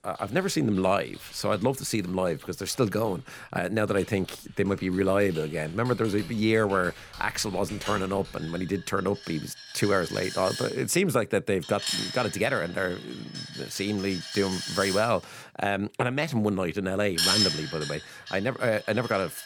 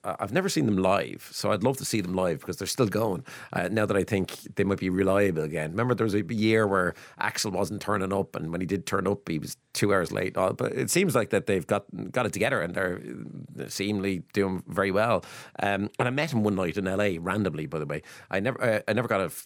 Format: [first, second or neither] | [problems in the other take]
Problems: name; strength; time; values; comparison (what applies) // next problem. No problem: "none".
second | household noises; loud; throughout; 5 dB below the speech